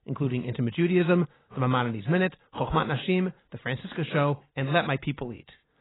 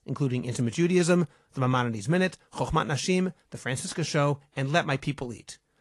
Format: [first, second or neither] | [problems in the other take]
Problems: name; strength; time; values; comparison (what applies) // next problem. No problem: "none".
second | garbled, watery; badly; nothing above 4 kHz; slightly in the second